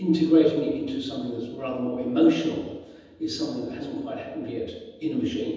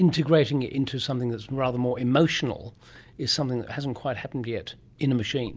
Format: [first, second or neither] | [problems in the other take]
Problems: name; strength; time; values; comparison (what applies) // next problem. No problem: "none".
second | room echo; dies away in 1.1 s